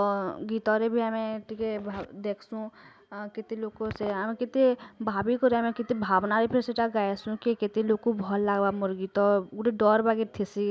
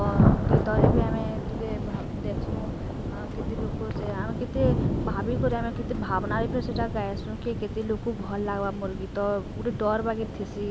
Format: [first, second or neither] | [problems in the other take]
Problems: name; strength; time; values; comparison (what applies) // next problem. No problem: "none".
first | background sound (Thunder / Rain); 3 dB above the speech